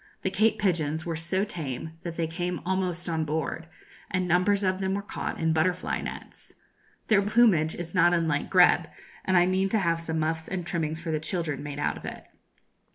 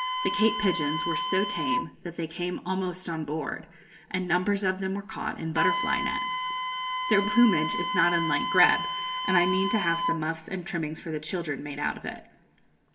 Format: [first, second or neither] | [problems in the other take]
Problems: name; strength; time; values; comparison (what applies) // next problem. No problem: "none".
first | background sound (Wind instrument, woodwind instrument); 4 dB below the speech // room echo; dies away in 0.4 s